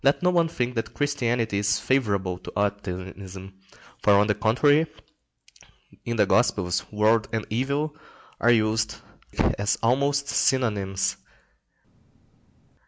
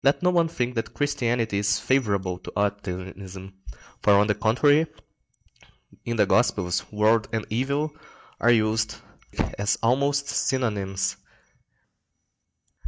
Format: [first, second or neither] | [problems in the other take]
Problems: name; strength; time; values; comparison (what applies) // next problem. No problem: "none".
first | noise reduction (neural mask model DeepFilterNet 3)